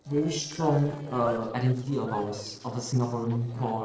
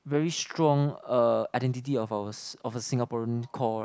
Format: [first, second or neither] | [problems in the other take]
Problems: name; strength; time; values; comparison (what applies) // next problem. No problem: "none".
second | noise reduction (neural separator model SepFormer DNS4)